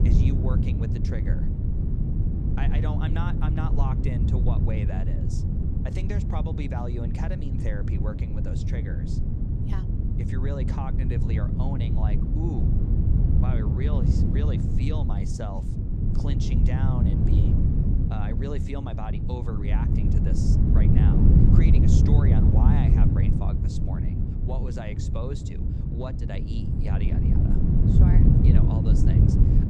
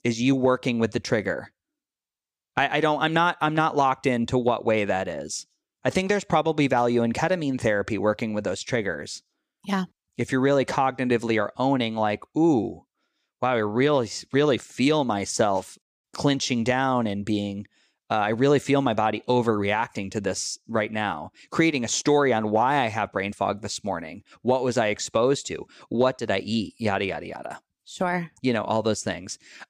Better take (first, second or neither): second